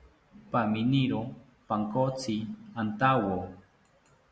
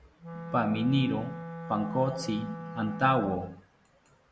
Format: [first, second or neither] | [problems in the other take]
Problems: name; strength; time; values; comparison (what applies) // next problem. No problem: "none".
first | background sound (Wind instrument, woodwind instrument); 11 dB below the speech